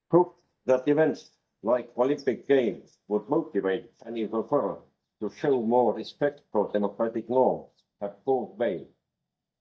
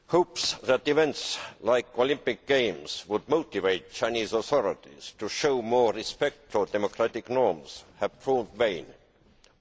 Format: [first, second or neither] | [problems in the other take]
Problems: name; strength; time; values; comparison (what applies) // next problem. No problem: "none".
second | noise reduction (neural mask model DeepFilterNet 3)